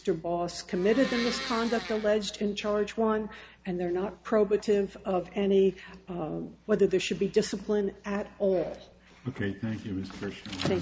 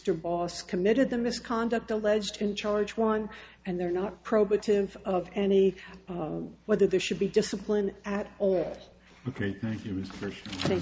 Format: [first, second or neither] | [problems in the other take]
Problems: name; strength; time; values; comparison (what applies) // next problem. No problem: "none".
second | background sound (Domestic sounds, home sounds); 10 dB below the speech